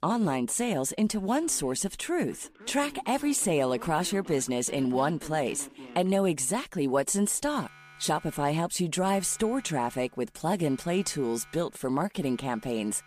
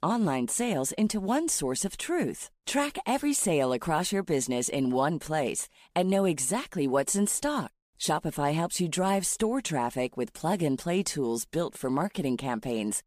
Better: second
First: alarms or sirens; faint; throughout; 20 dB below the speech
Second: none

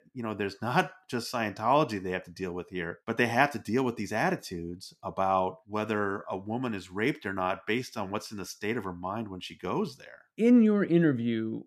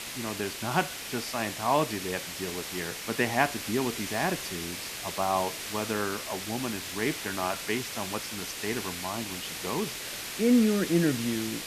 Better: first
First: none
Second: hiss; loud; throughout; 5 dB below the speech

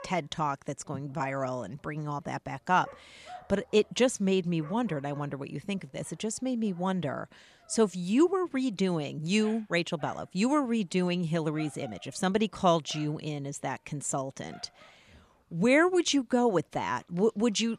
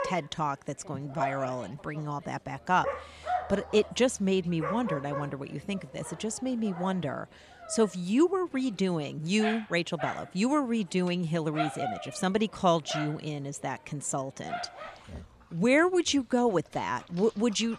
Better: first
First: animal sounds; faint; throughout; 25 dB below the speech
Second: animal sounds; loud; throughout; 9 dB below the speech

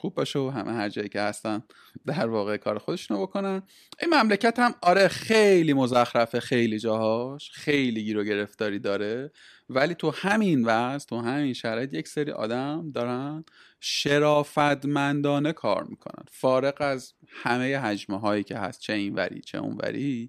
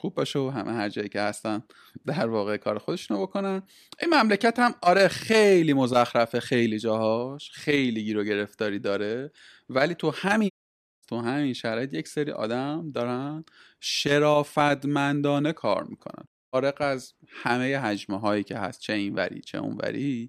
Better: first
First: none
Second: audio cutting out; at 11 s for 0.5 s and at 16 s

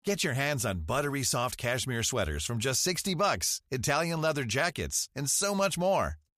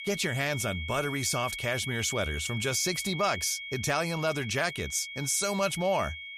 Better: first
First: none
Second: high-pitched whine; loud; throughout; 2 kHz, 7 dB below the speech

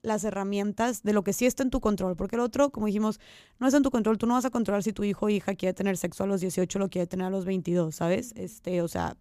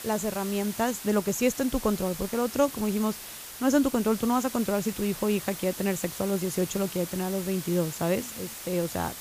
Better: first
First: none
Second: hiss; loud; throughout; 10 dB below the speech

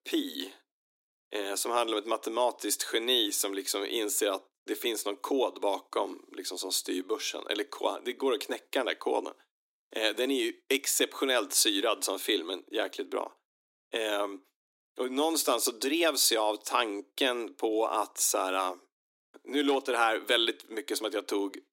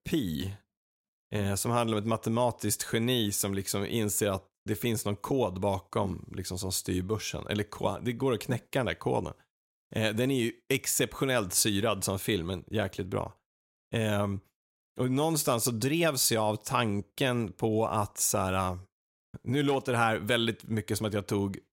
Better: second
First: thin; somewhat; fading below 300 Hz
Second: none

